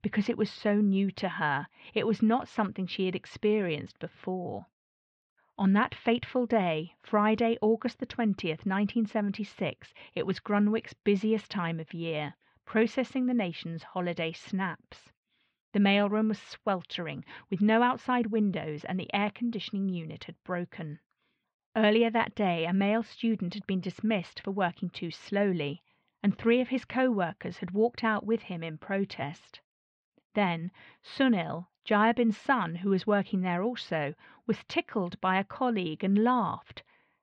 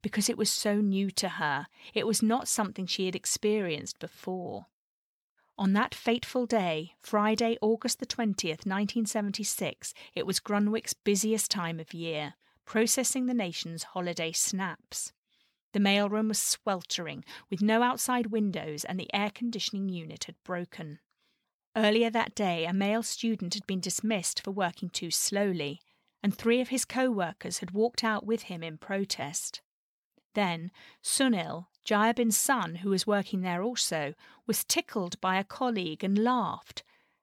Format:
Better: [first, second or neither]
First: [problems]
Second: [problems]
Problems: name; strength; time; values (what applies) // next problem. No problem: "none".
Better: second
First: muffled; very; fading above 3 kHz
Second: none